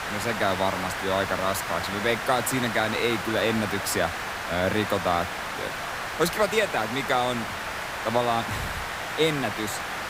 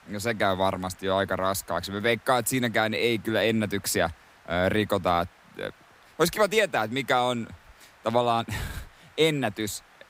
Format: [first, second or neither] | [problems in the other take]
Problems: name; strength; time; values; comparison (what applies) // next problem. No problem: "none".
second | hiss; loud; throughout; 4 dB below the speech; faint in the second